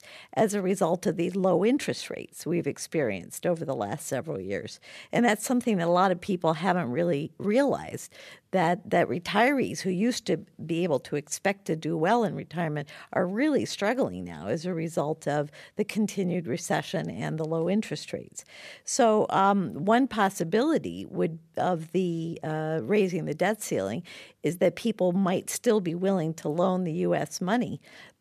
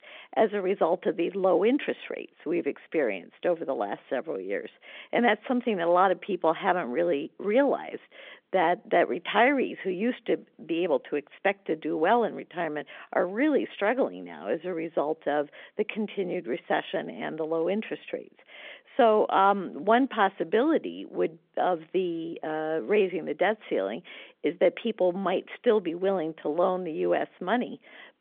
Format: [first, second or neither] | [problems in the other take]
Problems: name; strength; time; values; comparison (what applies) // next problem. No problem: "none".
first | phone-call audio; nothing above 3.5 kHz